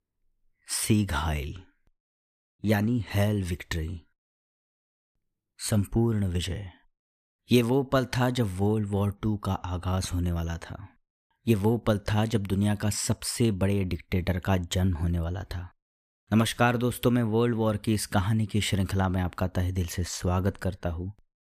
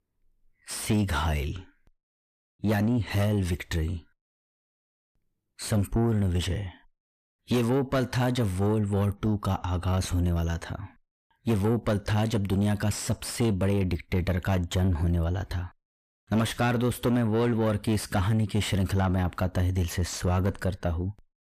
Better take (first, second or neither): first